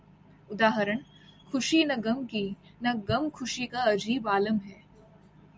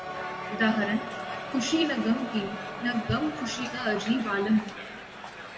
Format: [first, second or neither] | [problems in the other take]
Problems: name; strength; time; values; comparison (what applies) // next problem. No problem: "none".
first | background sound (Crowd); 8 dB below the speech // room echo; dies away in 1.5 s